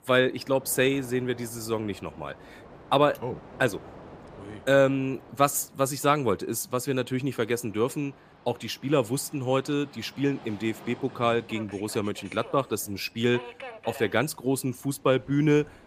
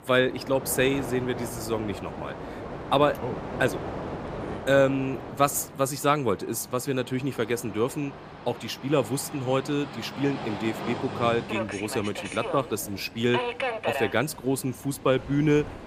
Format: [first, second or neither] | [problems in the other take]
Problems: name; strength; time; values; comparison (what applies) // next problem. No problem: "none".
first | train or aircraft noise; loud; throughout; 9 dB below the speech; faint in the first